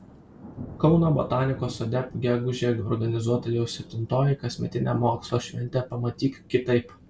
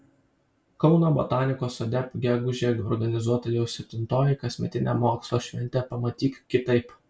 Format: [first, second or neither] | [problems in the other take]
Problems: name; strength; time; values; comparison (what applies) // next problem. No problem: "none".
second | background sound (Thunder); 16 dB below the speech